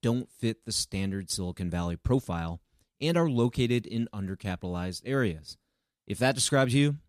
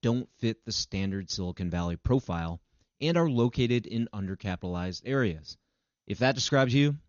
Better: first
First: none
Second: garbled, watery; slightly; nothing above 6.5 kHz

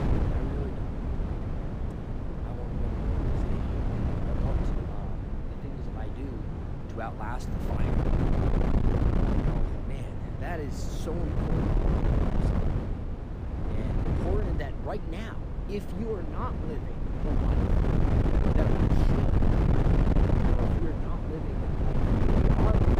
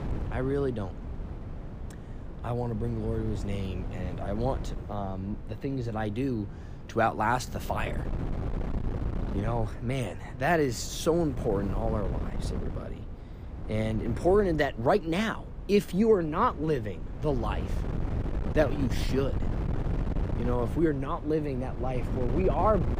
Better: second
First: wind noise on the microphone; heavy; 5 dB above the speech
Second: wind noise on the microphone; occasional gusts; 15 dB below the speech

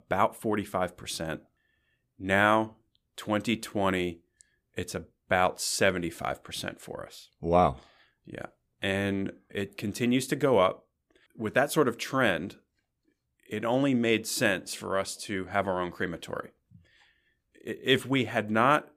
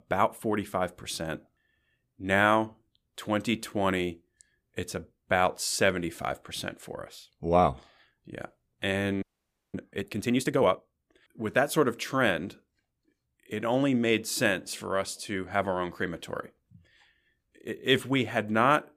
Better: first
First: none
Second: audio freezing; at 9 s for 0.5 s

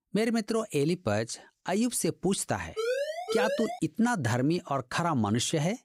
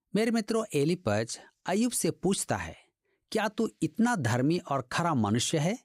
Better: second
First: siren; noticeable; from 3 to 4 s; peak 1 dB below the speech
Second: none

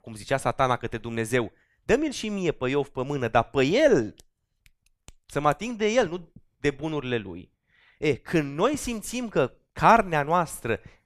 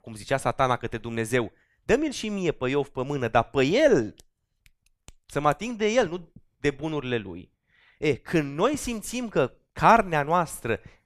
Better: neither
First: none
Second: none

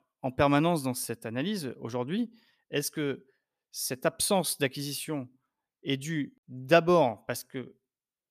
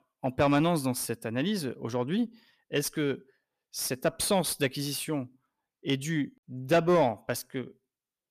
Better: first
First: none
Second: distortion; slight; 10 dB below the speech

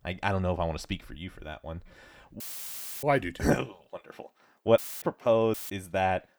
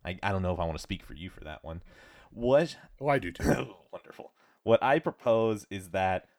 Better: second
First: audio cutting out; filled with static; at 2.5 s for 0.5 s, at 5 s and at 5.5 s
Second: none

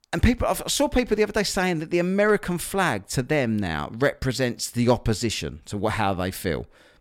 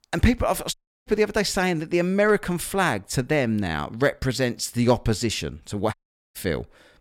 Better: first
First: none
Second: audio cutting out; at 0.5 s and at 6 s

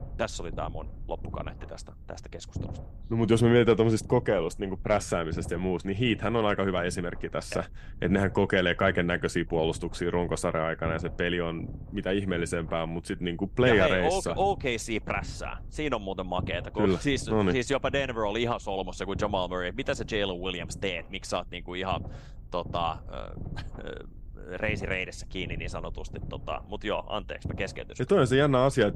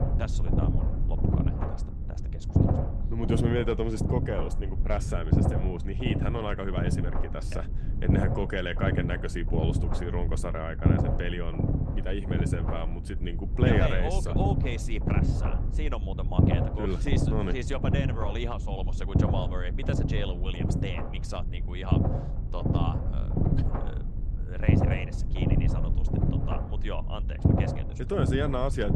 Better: first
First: low rumble; faint; throughout; 20 dB below the speech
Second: low rumble; loud; throughout; 2 dB below the speech

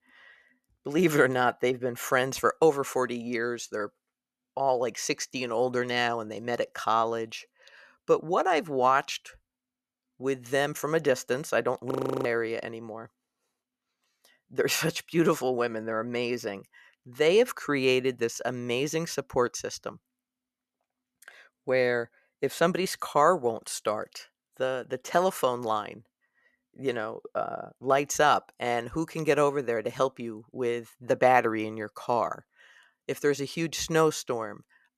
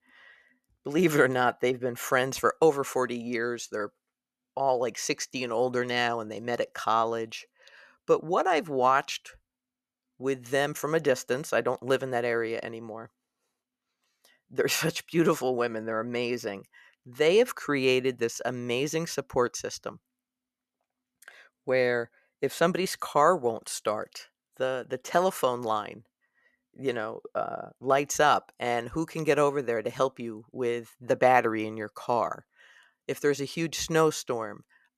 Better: second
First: audio freezing; at 12 s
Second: none

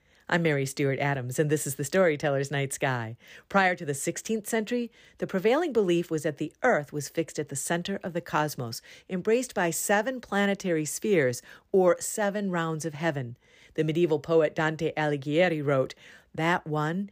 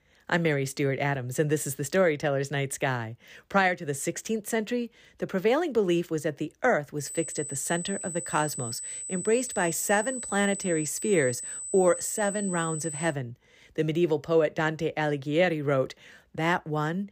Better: first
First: none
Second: high-pitched whine; loud; from 7 to 13 s; 8 kHz, 7 dB below the speech

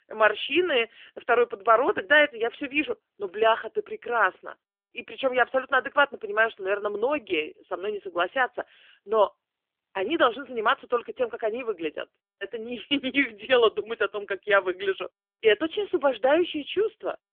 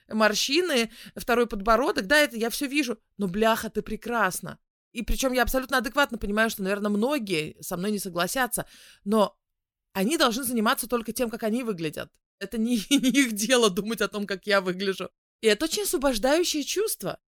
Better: second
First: phone-call audio; nothing above 3.5 kHz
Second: none

